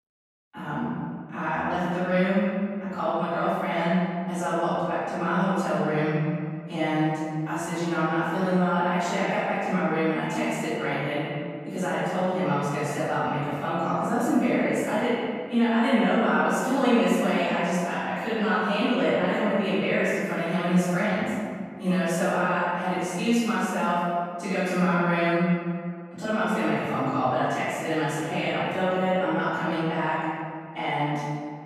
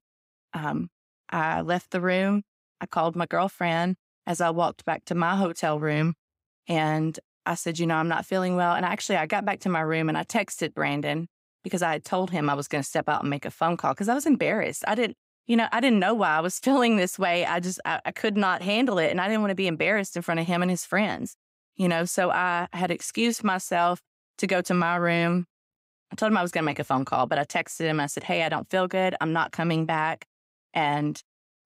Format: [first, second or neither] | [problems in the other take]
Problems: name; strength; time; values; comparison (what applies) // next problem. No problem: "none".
second | off-mic speech; far // room echo; strong; dies away in 1.9 s